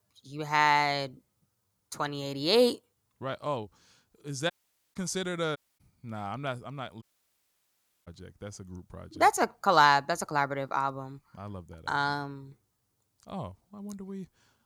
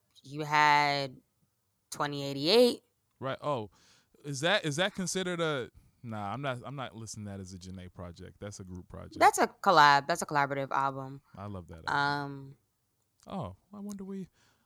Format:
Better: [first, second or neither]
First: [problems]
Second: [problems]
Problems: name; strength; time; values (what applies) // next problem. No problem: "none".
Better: second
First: audio cutting out; at 4.5 s, at 5.5 s and at 7 s for 1 s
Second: none